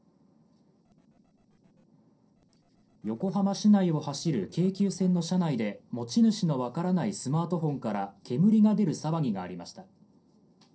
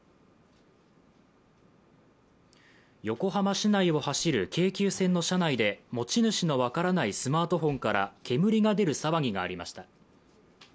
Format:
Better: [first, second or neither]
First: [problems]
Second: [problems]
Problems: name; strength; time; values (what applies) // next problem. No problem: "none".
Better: second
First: noise reduction (neural separator model SepFormer DNS4)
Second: none